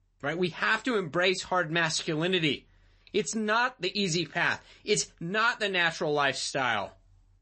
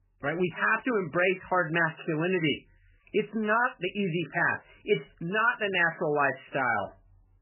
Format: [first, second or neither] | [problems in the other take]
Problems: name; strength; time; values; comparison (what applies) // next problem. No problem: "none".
first | garbled, watery; badly; nothing above 3 kHz; slightly in the first